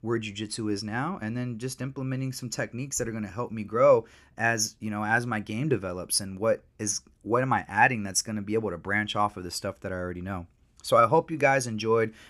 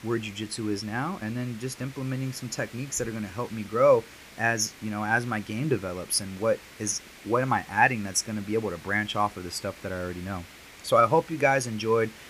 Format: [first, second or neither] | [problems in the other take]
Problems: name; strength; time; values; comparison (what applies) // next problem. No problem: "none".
first | hiss; noticeable; throughout; 20 dB below the speech